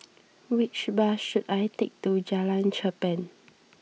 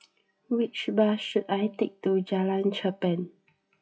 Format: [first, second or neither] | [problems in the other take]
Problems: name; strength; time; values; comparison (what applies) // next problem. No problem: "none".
first | noise reduction (classical method WPE with log-MMSE)